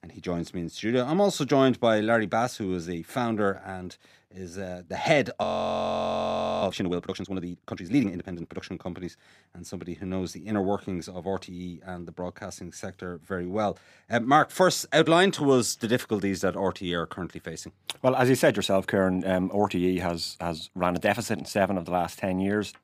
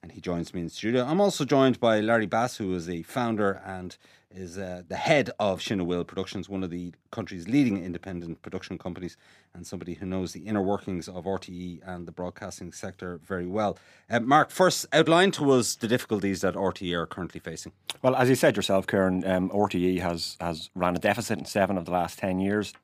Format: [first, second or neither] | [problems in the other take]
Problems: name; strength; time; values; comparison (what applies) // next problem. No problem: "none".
second | audio freezing; at 5.5 s for 1 s